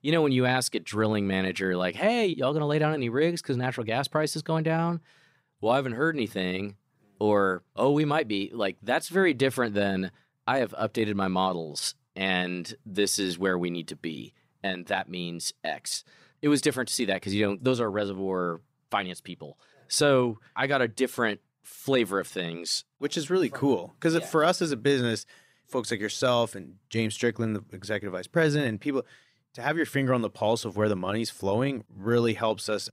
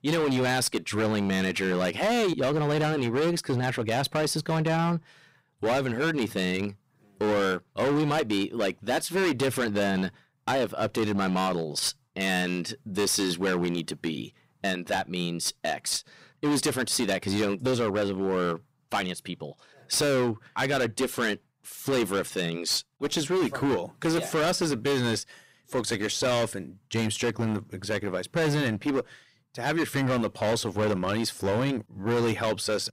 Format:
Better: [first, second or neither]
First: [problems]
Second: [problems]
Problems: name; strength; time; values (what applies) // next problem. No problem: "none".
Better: first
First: none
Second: distortion; heavy; 17% of the sound clipped